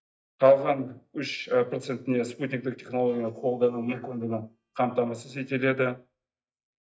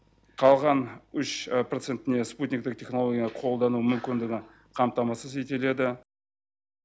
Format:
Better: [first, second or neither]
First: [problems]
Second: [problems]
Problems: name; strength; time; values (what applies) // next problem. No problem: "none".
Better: second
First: noise reduction (neural mask model DeepFilterNet 3)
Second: none